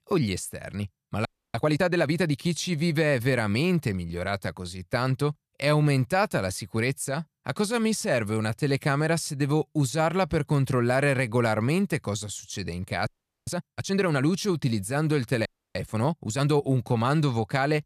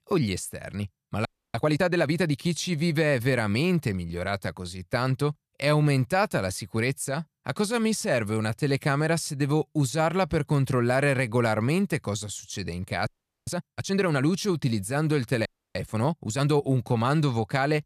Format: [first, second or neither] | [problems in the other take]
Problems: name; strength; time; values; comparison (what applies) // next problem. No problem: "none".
neither | audio freezing; at 1.5 s, at 13 s and at 15 s; the same in both